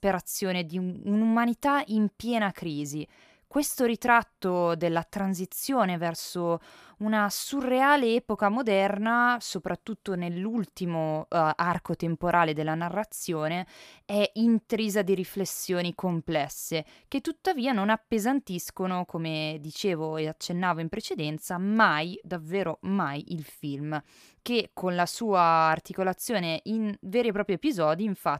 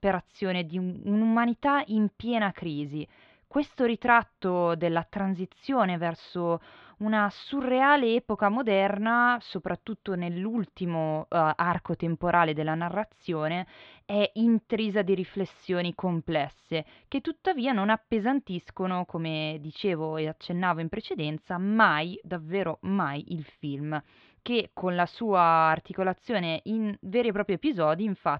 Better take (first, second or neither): first